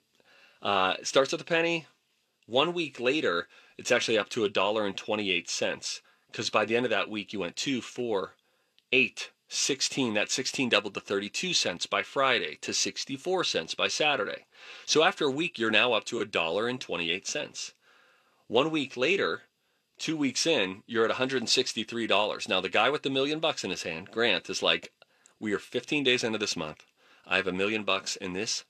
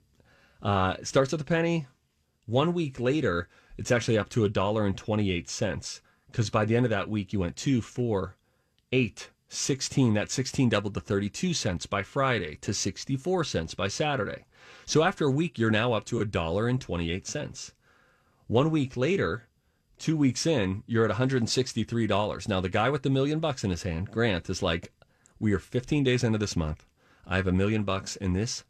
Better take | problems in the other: second | thin; somewhat; fading below 350 Hz

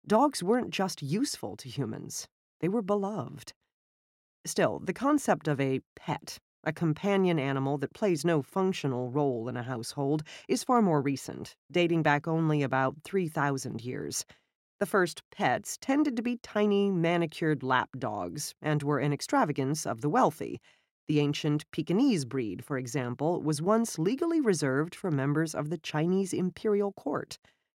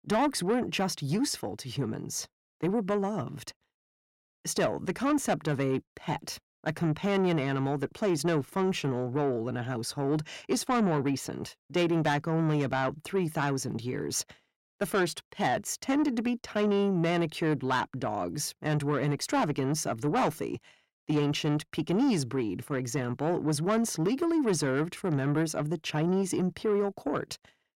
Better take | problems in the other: first | distortion; slight; 10 dB below the speech

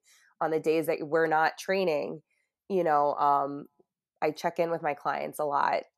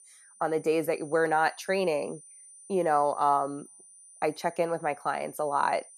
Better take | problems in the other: first | high-pitched whine; faint; throughout; 9.5 kHz, 20 dB below the speech

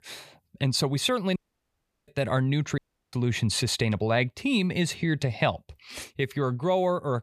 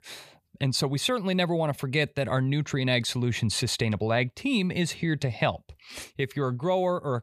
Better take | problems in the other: second | audio cutting out; at 1.5 s for 0.5 s and at 3 s

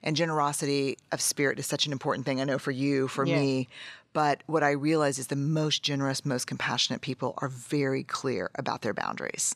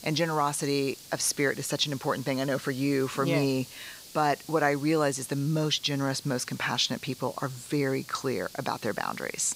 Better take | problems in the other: first | hiss; noticeable; throughout; 15 dB below the speech

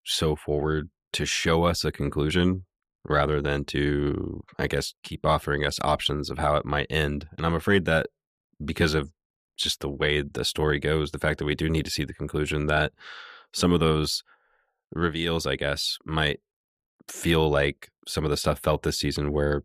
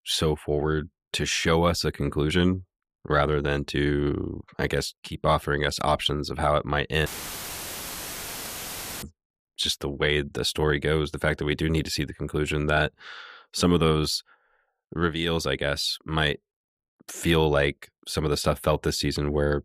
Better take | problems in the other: first | audio cutting out; filled with static; at 7 s for 2 s

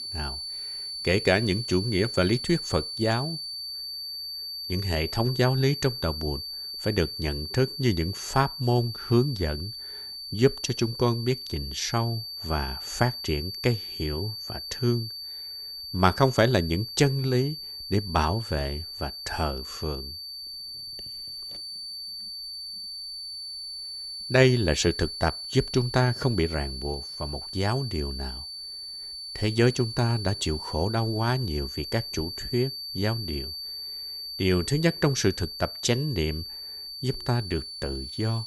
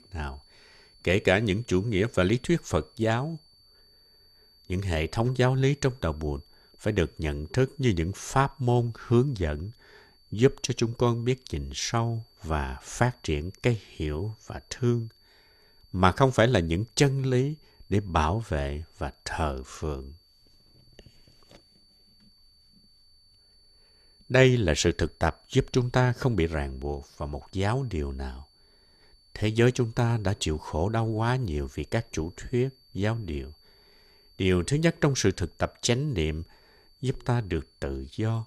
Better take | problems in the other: second | high-pitched whine; loud; throughout; 4.5 kHz, 7 dB below the speech; faint in the second

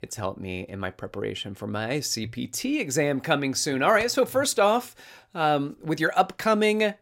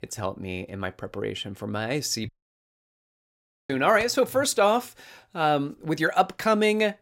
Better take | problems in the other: first | audio cutting out; at 2.5 s for 1.5 s

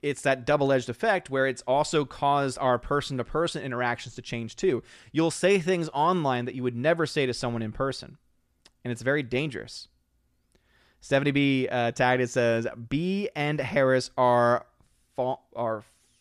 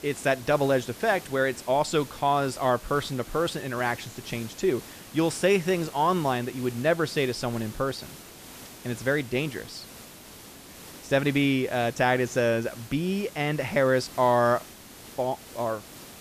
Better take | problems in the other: first | hiss; noticeable; throughout; 15 dB below the speech

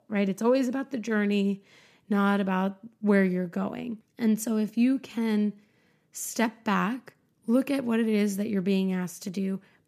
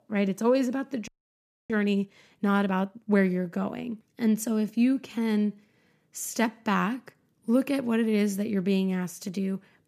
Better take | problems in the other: first | audio freezing; at 1 s for 0.5 s

